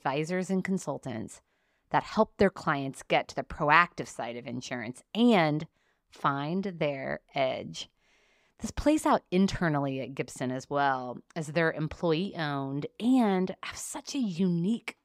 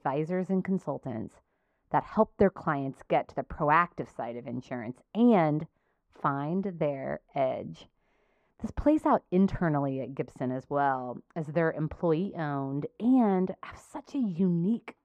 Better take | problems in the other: first | muffled; very; fading above 2.5 kHz

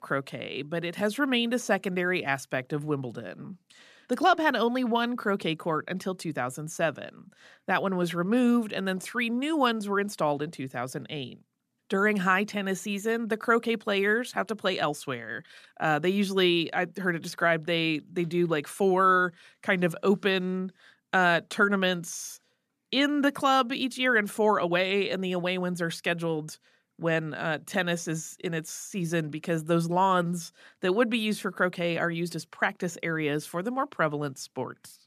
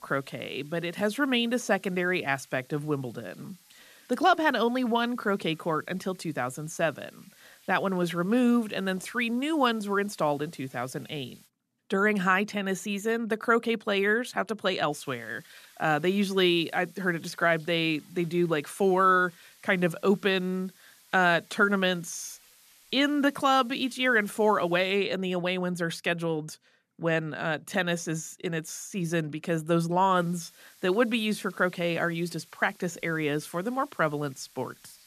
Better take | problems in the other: first | hiss; faint; until 11 s, from 15 to 25 s and from 30 s on; 30 dB below the speech

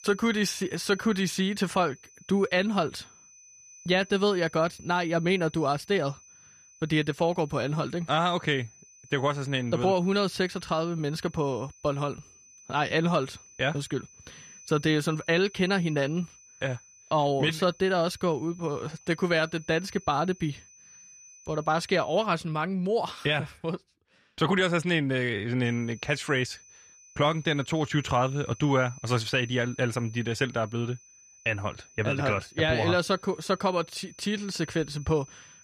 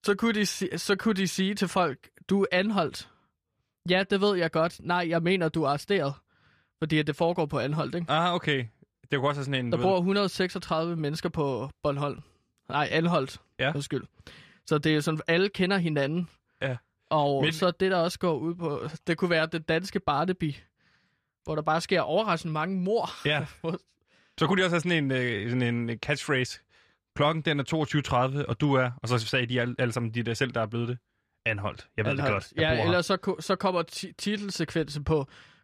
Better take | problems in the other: second | high-pitched whine; faint; until 22 s and from 26 s on; 6 kHz, 25 dB below the speech

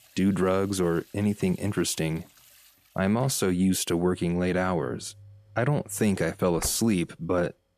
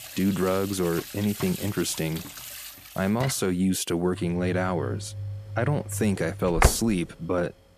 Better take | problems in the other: first | household noises; loud; throughout; 7 dB below the speech; faint in the first

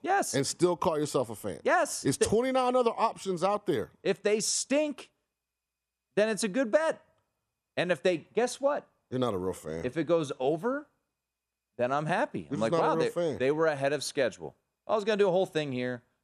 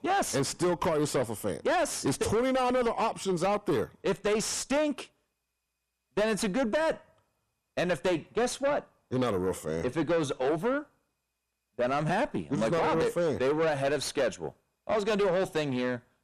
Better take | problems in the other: first | distortion; heavy; 7 dB below the speech

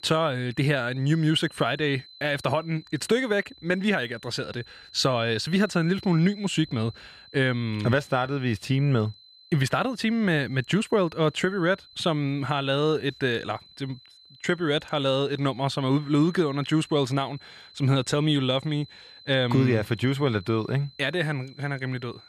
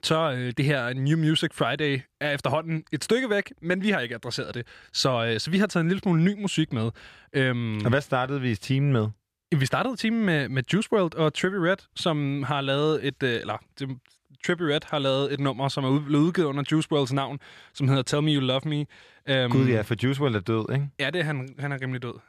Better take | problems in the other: second | high-pitched whine; faint; throughout; 4 kHz, 25 dB below the speech

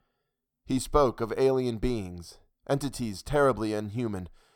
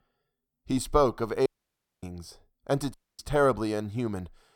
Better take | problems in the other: first | audio cutting out; at 1.5 s for 0.5 s and at 3 s

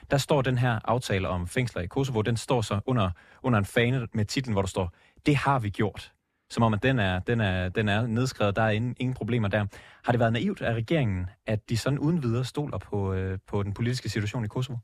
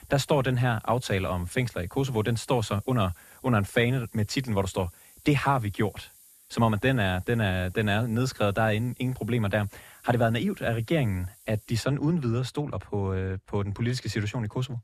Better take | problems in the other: first | hiss; faint; until 12 s; 25 dB below the speech

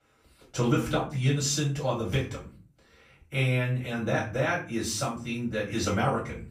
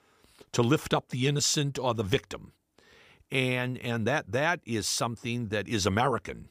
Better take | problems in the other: second | off-mic speech; far // room echo; slight; dies away in 0.4 s

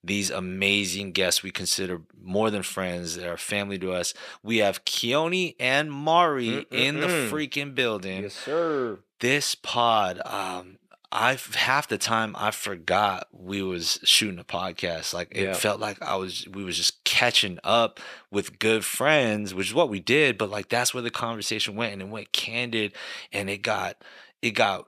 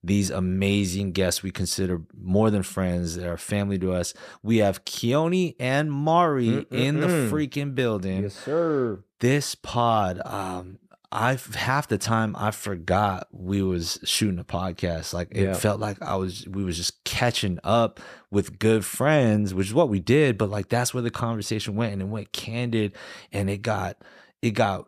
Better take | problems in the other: second | thin; somewhat; fading below 500 Hz

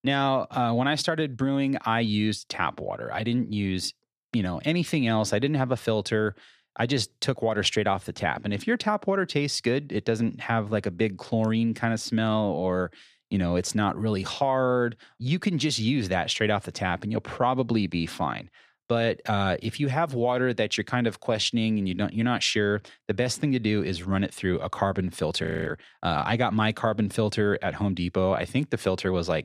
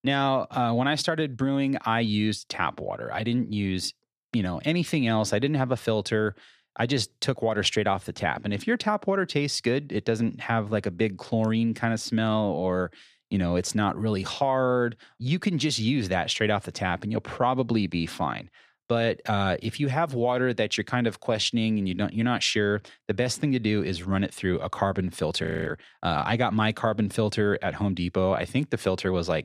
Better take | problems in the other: neither | audio freezing; at 25 s; the same in both

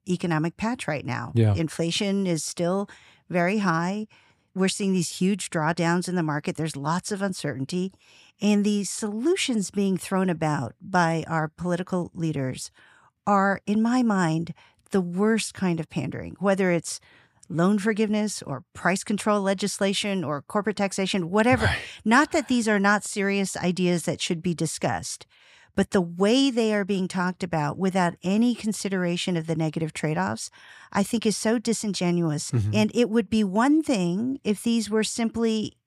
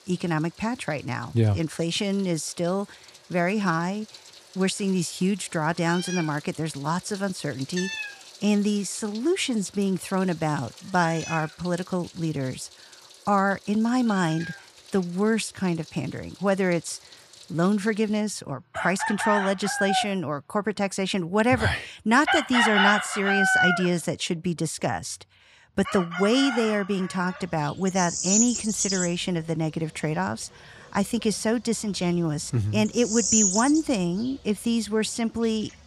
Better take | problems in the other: first | animal sounds; loud; throughout; 1 dB below the speech

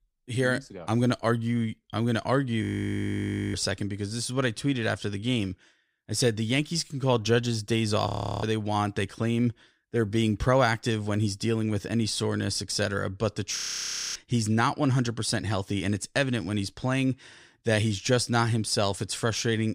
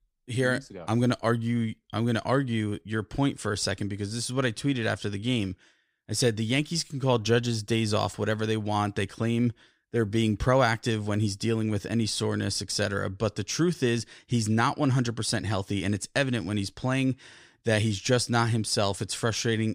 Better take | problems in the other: second | audio freezing; at 2.5 s for 1 s, at 8 s and at 14 s for 0.5 s

